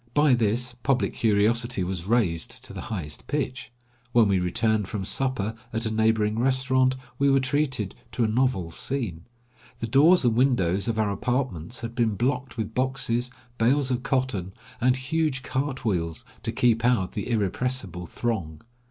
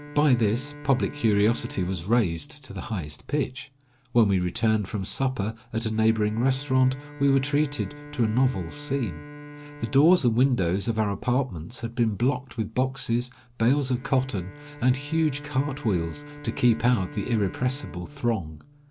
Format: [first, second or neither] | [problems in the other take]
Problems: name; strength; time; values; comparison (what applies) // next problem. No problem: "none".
first | background sound (Bowed string instrument); 18 dB below the speech